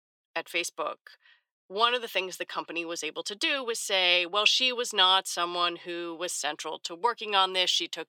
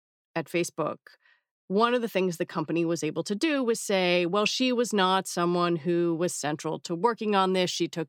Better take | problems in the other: second | thin; very; fading below 650 Hz

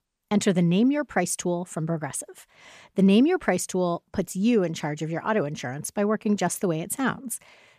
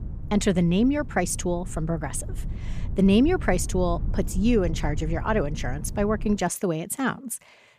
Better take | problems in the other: first | low rumble; noticeable; until 6.5 s; 20 dB below the speech

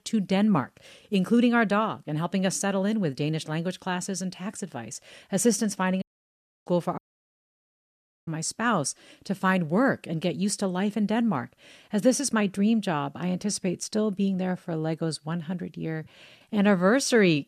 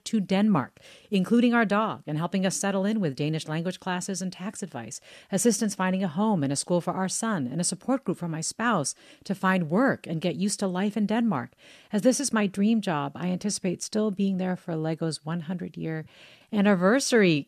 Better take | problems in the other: second | audio cutting out; at 6 s for 0.5 s and at 7 s for 1.5 s

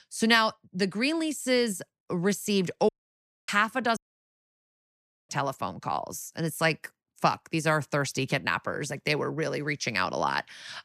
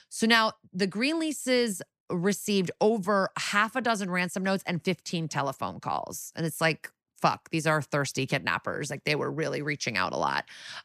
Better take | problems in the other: second | audio cutting out; at 3 s for 0.5 s and at 4 s for 1.5 s

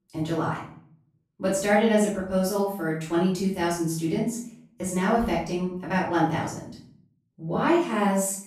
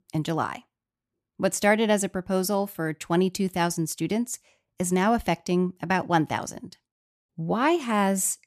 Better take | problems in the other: second | room echo; noticeable; dies away in 0.5 s // off-mic speech; far

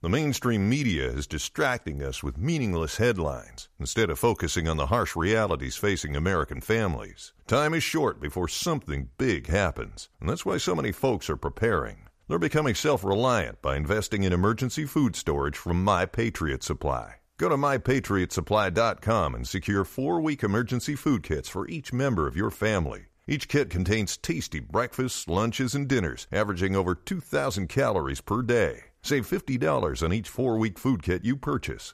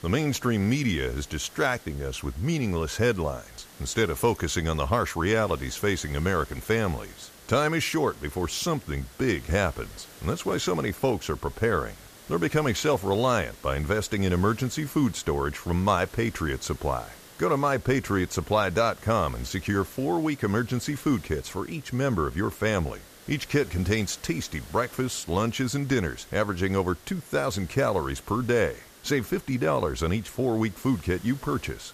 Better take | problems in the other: first | hiss; faint; throughout; 20 dB below the speech

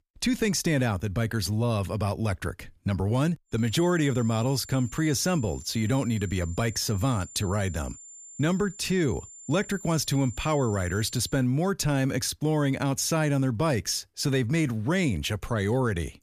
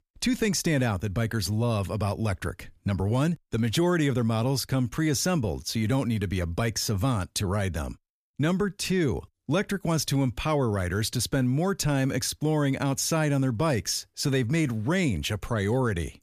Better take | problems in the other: second | high-pitched whine; noticeable; from 3.5 to 11 s; 7 kHz, 15 dB below the speech

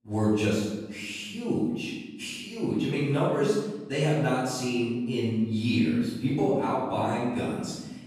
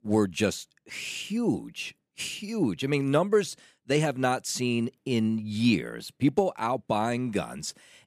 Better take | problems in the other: second | off-mic speech; far // room echo; strong; dies away in 1.1 s

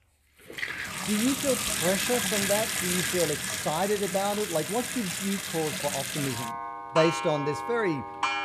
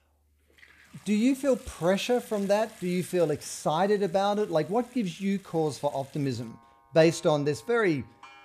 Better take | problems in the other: second | household noises; loud; throughout; as loud as the speech; faint in the second

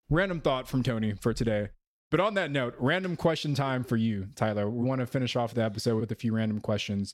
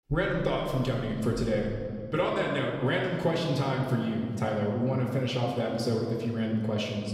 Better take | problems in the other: first | room echo; noticeable; dies away in 1.8 s // off-mic speech; somewhat distant

